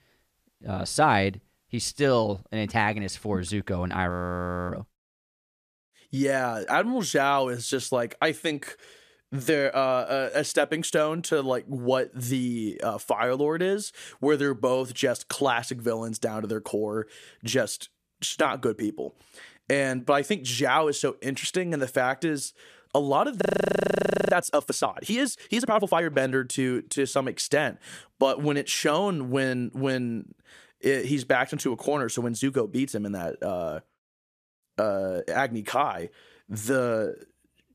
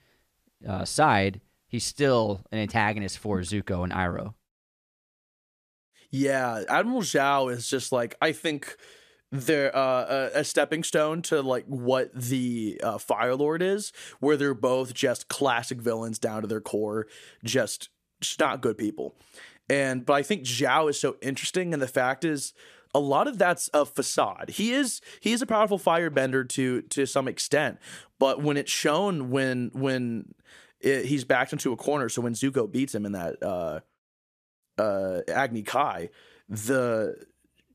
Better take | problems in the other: second | audio freezing; at 4 s for 0.5 s and at 23 s for 1 s

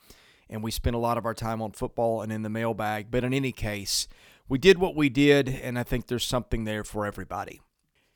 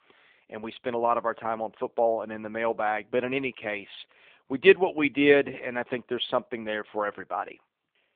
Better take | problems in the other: first | phone-call audio; nothing above 3.5 kHz

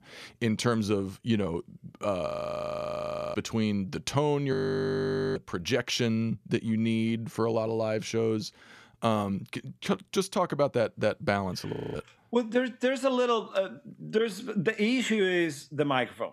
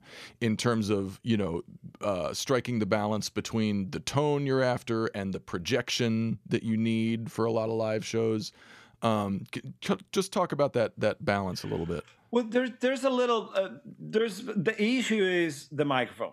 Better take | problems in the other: second | audio freezing; at 2.5 s for 1 s, at 4.5 s for 1 s and at 12 s

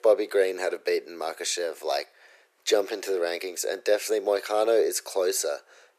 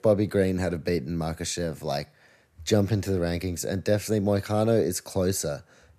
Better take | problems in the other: second | thin; very; fading below 400 Hz

